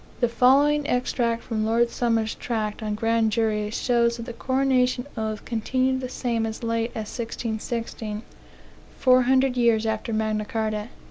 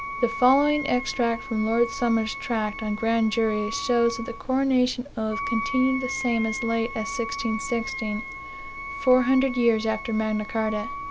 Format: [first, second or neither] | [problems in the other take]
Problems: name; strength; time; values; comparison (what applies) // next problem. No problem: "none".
first | background sound (Wind instrument, woodwind instrument); 10 dB below the speech